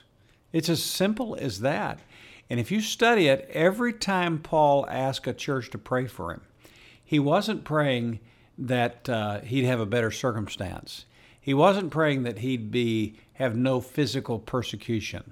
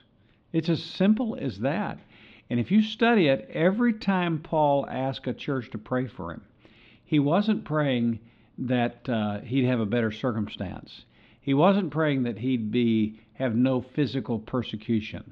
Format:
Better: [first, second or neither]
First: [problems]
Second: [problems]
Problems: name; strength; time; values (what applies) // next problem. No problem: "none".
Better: first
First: none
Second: muffled; slightly; fading above 3.5 kHz